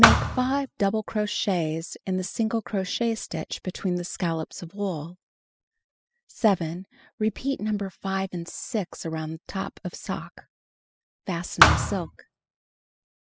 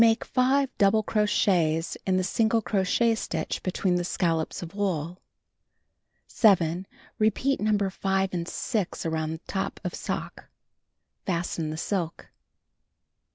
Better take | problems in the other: second | noise reduction (classical method spectral subtraction)

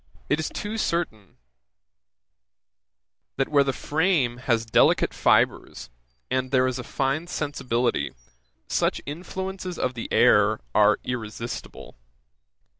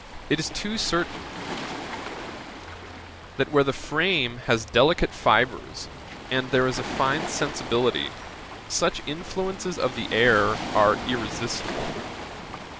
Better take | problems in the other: first | background sound (Waves, surf); 10 dB below the speech

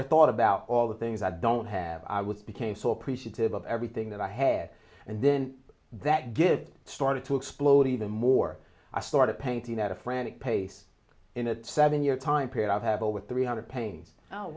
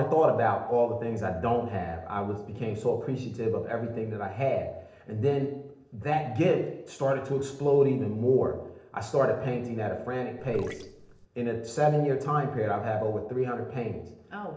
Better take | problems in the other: first | noise reduction (neural separator model SepFormer DNS4)

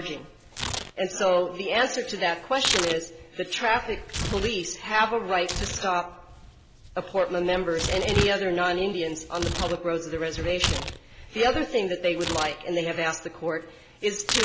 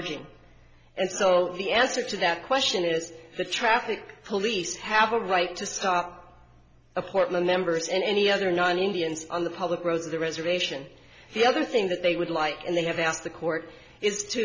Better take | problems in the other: second | background sound (Tearing); 7 dB below the speech

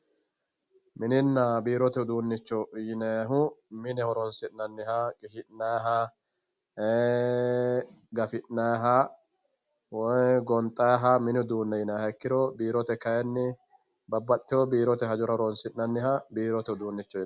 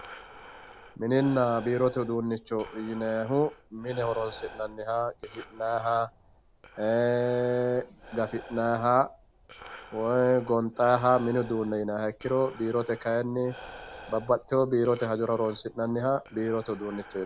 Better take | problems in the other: first | background sound (Breathing); 19 dB below the speech

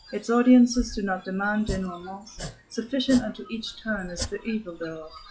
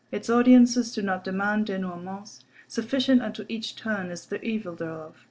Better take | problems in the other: second | noise reduction (classical method log-MMSE)

